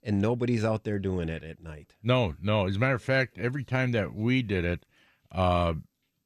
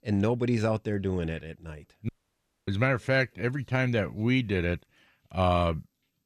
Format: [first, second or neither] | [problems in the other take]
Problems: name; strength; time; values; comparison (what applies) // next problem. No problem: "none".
first | audio cutting out; at 2 s for 0.5 s